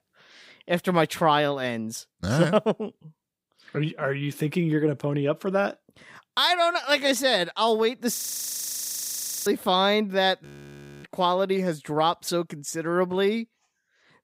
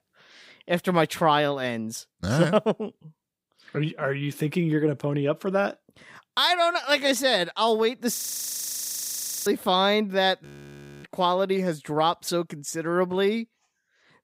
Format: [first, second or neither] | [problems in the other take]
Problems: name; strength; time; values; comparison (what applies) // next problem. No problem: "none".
neither | audio freezing; at 8 s for 1.5 s and at 10 s for 0.5 s; the same in both